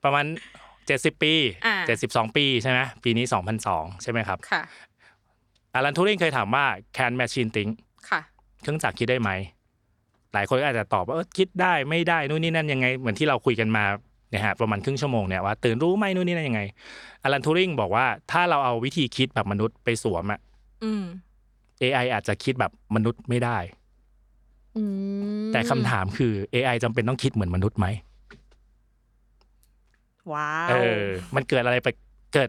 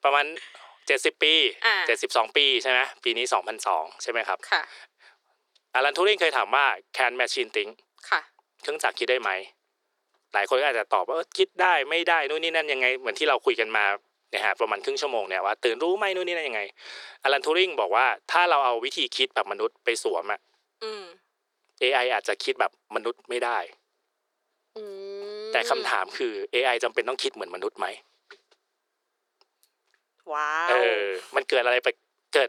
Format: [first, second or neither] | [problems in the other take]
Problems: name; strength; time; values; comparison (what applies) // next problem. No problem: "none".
first | thin; very; fading below 400 Hz